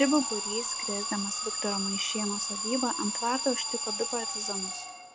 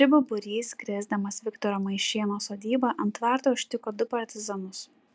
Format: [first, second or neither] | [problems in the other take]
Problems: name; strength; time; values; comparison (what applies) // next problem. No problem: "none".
second | background sound (Alarm); 1 dB below the speech